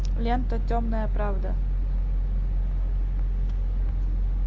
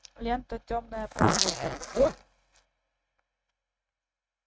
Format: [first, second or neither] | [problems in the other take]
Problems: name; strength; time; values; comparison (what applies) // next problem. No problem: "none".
first | noise reduction (neural mask model RNNoise)